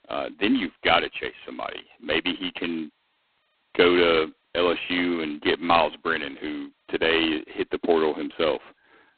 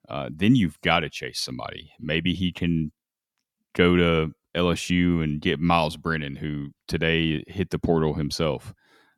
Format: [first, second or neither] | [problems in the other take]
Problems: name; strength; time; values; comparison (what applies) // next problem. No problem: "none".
second | phone-call audio; poor line